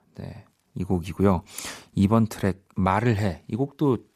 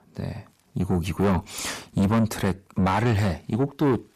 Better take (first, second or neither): first